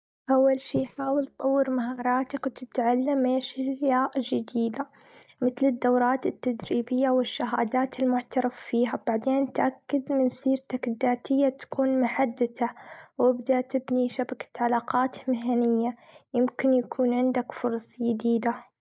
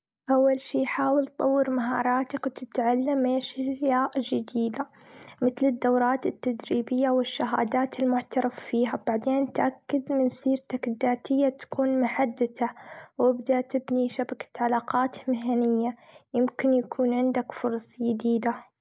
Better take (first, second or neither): second